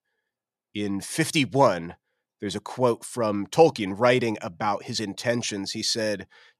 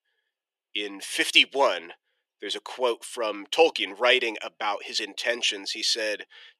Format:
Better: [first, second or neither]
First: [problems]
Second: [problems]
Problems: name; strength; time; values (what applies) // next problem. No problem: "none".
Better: first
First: none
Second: thin; somewhat; fading below 350 Hz